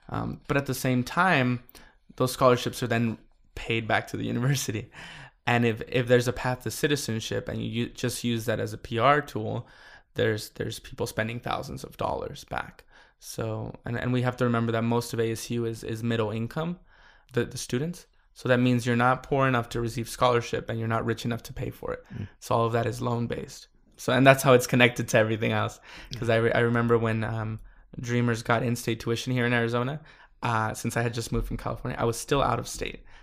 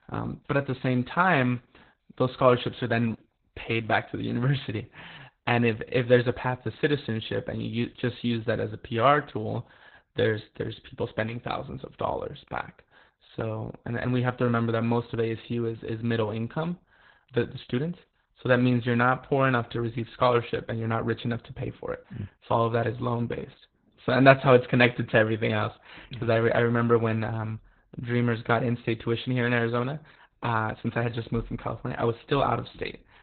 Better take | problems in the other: first | garbled, watery; badly; nothing above 4 kHz

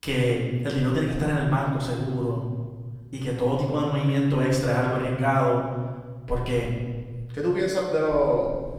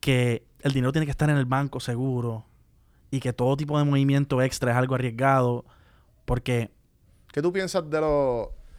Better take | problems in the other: second | off-mic speech; far // room echo; noticeable; dies away in 1.4 s

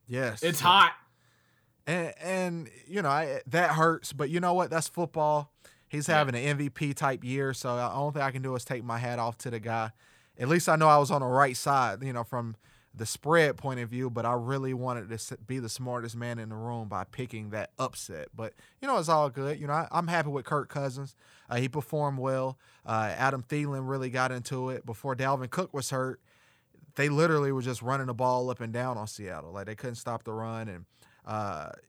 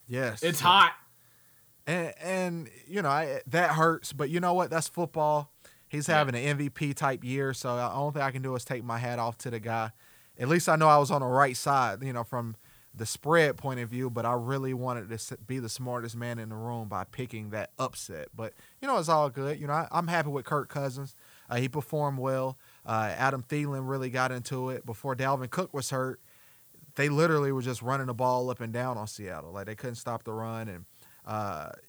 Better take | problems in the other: first | hiss; faint; throughout; 25 dB below the speech

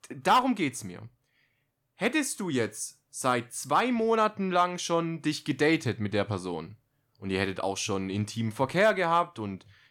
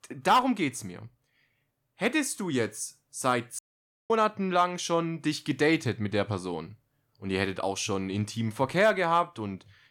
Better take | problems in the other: first | audio cutting out; at 3.5 s for 0.5 s

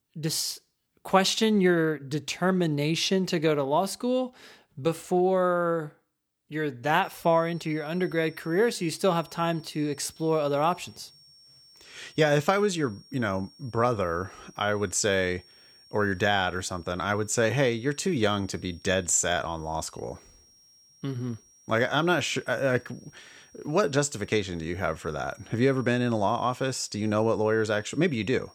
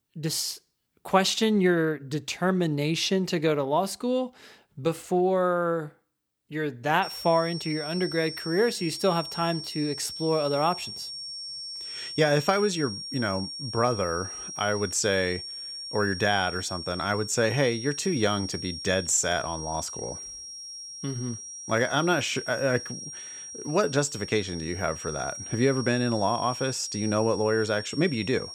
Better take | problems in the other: first | high-pitched whine; loud; from 7 s on; 5.5 kHz, 9 dB below the speech; faint in the first

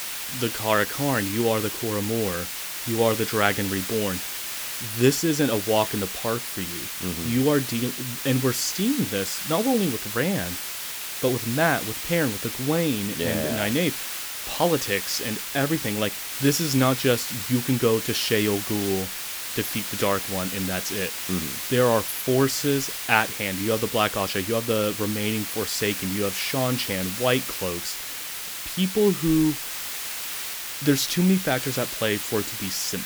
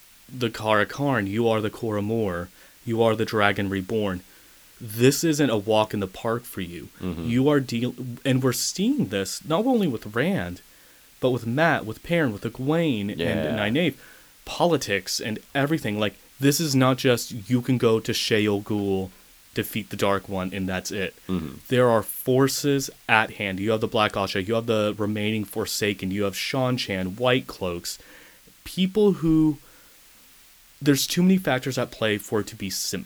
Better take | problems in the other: second | hiss; loud; throughout; 4 dB below the speech; faint in the second

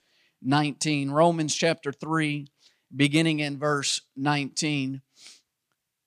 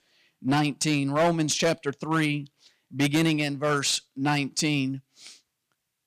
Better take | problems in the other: first | distortion; slight; 4% of the sound clipped

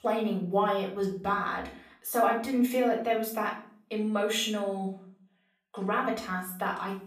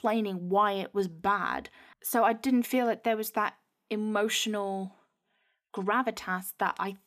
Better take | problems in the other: second | off-mic speech; far // room echo; slight; dies away in 0.4 s

